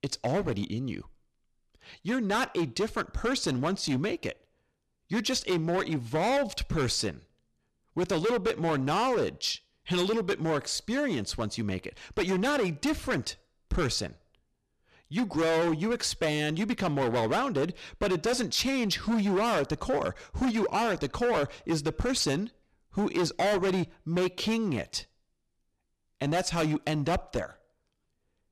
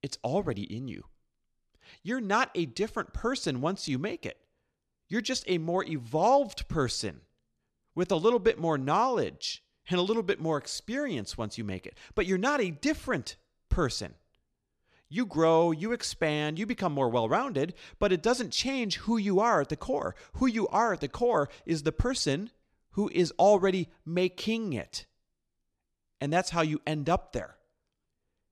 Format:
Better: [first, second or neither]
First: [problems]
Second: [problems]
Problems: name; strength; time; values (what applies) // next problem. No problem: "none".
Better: second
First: distortion; heavy; 14% of the sound clipped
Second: none